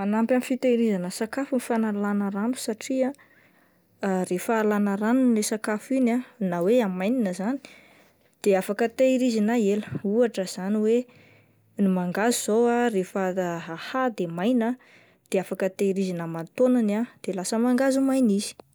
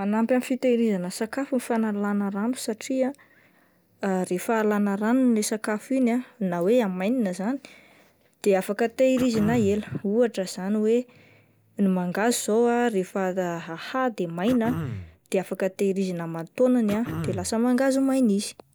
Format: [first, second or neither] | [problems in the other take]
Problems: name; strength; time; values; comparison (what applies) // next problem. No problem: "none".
first | background sound (Cough); 12 dB below the speech